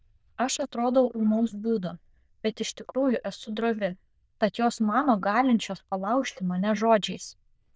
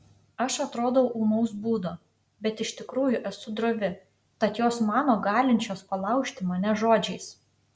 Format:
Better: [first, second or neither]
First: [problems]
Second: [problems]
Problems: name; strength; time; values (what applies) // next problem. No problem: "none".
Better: second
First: noise reduction (neural diffusion model UNIVERSE++)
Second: none